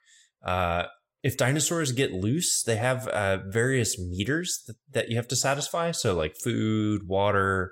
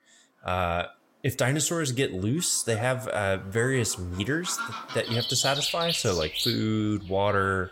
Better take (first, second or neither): first